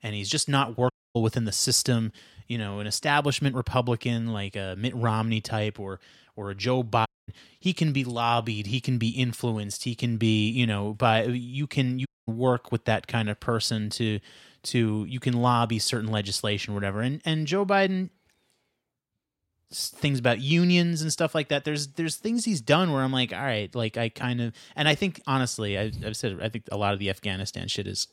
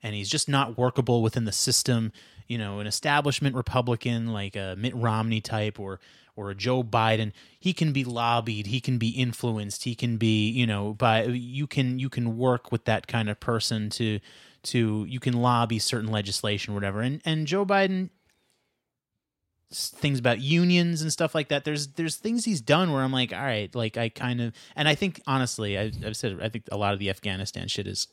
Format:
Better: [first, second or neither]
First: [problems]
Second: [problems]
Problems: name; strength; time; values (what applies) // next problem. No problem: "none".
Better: second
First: audio cutting out; at 1 s, at 7 s and at 12 s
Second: none